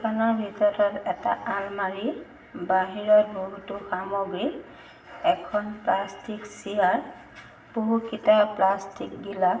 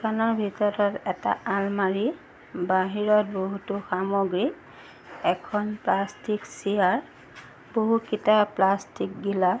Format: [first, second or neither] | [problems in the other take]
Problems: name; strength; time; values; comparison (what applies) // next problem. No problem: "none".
second | room echo; dies away in 0.8 s